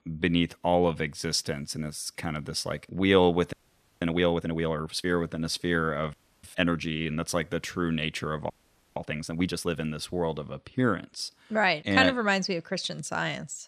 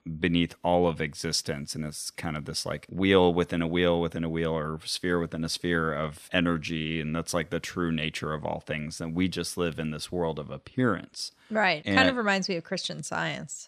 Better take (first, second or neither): second